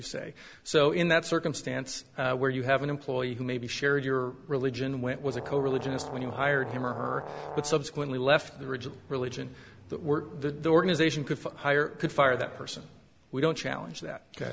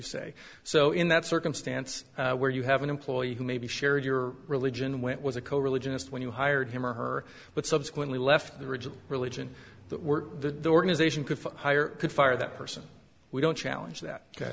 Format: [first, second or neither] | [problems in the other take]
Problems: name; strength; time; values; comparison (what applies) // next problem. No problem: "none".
second | background sound (Brass instrument); 11 dB below the speech